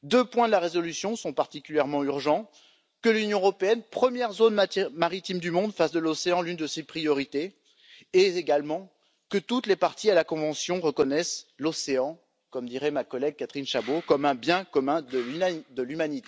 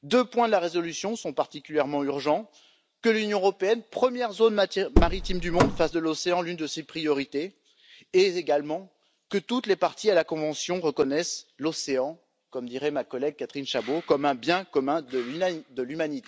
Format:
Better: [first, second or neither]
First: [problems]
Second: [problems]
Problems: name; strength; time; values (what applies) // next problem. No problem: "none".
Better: first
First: none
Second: background sound (Car); 4 dB above the speech